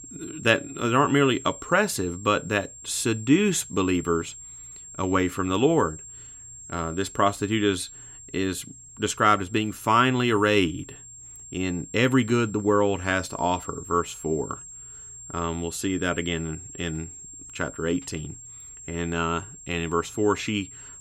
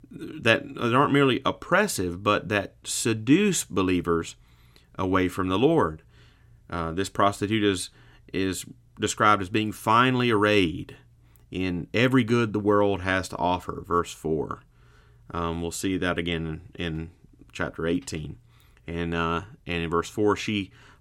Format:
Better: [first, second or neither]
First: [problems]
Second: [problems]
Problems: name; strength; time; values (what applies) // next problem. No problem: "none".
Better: second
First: high-pitched whine; noticeable; throughout; 7.5 kHz, 15 dB below the speech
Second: none